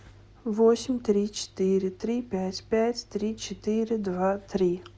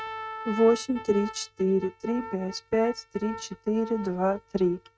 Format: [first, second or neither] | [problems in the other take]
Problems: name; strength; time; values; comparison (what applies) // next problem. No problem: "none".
first | noise reduction (neural mask model RNNoise)